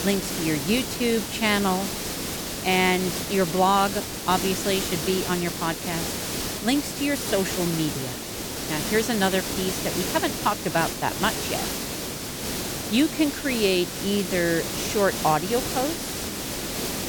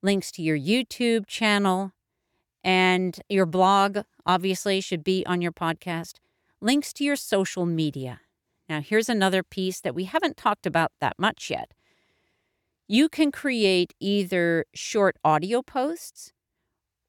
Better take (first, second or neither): second